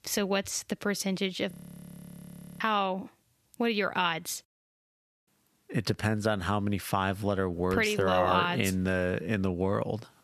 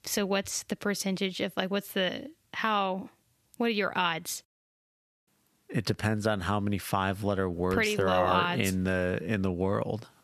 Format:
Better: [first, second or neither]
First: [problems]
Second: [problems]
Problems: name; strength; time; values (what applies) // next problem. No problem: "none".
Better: second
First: audio freezing; at 1.5 s for 1 s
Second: none